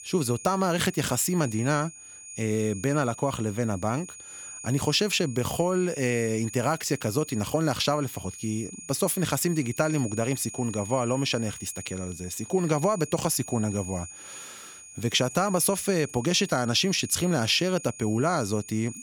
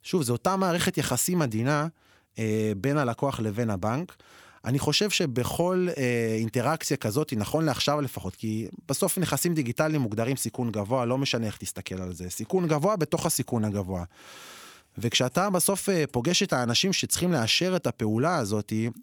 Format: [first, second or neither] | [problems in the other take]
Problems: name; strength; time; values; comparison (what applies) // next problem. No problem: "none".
second | high-pitched whine; noticeable; throughout; 6.5 kHz, 15 dB below the speech